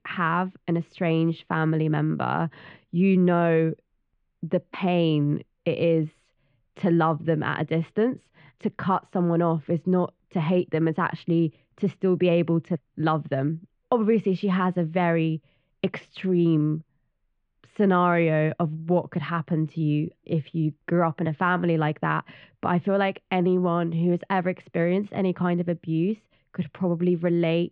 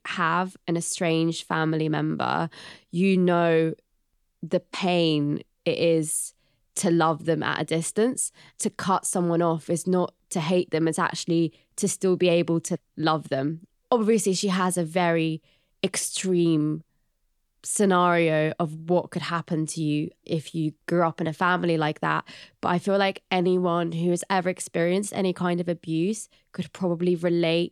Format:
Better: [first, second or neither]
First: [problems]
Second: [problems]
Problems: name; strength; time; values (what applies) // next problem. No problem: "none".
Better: second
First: muffled; very; fading above 2.5 kHz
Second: none